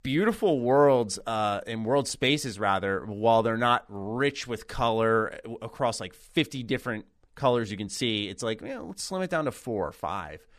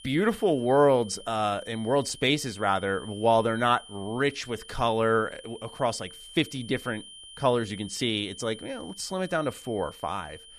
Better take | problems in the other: first | high-pitched whine; noticeable; throughout; 3 kHz, 20 dB below the speech

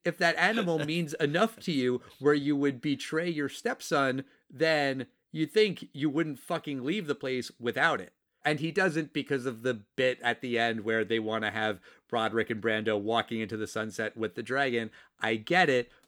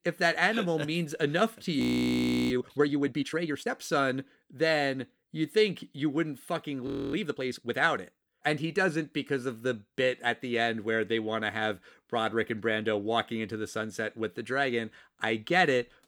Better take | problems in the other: first | audio freezing; at 2 s for 0.5 s and at 7 s

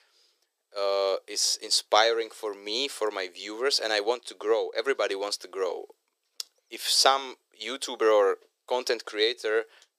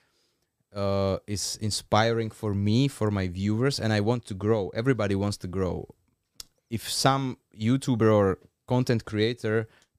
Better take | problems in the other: second | thin; very; fading below 400 Hz

